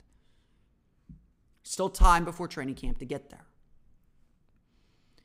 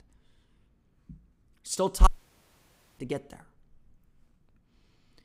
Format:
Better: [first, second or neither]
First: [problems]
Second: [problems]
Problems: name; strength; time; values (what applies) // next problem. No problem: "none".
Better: first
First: none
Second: audio cutting out; at 2 s for 1 s